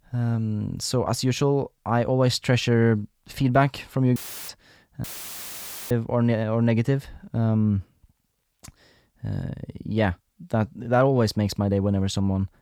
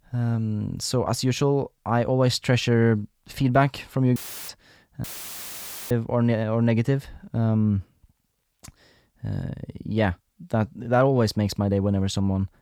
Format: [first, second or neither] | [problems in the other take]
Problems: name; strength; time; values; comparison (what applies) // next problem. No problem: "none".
neither | audio cutting out; filled with static; at 4 s and at 5 s for 1 s; the same in both